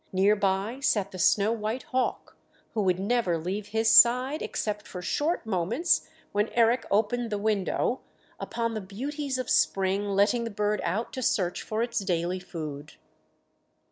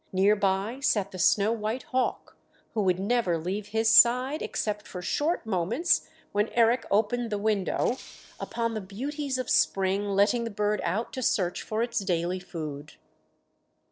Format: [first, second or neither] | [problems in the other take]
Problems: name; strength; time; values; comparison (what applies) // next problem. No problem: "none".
first | noise reduction (neural separator model SepFormer DNS4)